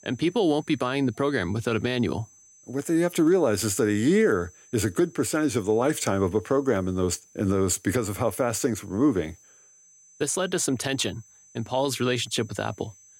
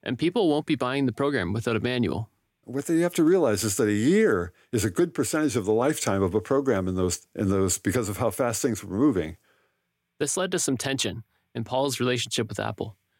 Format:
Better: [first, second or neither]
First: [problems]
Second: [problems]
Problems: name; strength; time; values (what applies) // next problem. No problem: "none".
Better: second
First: high-pitched whine; faint; throughout; 6 kHz, 25 dB below the speech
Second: none